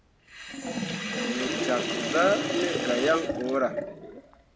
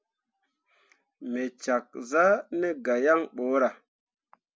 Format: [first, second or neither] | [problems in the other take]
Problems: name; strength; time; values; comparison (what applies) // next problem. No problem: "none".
second | background sound (Sink (filling or washing)); 2 dB below the speech